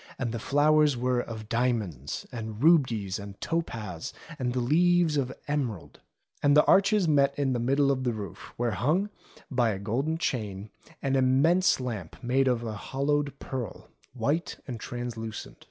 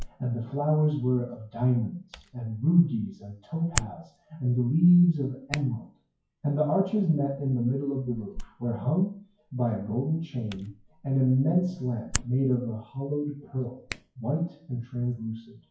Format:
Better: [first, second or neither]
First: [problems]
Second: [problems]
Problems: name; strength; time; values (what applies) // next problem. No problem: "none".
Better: first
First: none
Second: noise reduction (classical method WPE with log-MMSE)